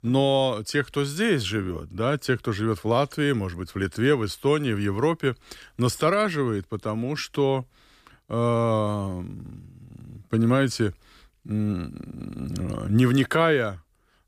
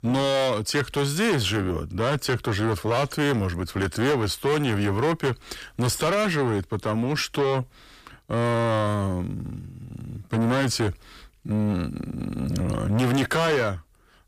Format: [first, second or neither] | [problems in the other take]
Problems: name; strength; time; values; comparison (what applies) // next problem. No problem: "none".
first | distortion; heavy; 6 dB below the speech